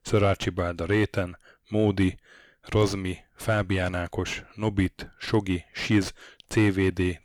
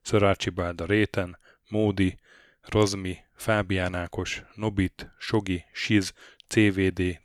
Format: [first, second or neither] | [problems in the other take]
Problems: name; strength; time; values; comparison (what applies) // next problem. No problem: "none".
second | distortion; slight; 10 dB below the speech